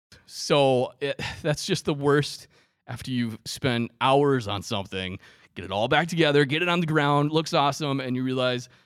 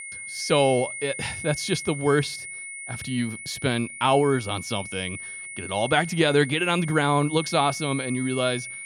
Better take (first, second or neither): first